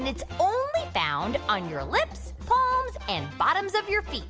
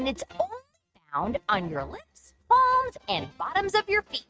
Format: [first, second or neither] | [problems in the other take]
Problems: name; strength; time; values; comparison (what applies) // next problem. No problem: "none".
first | noise reduction (neural mask model RNNoise)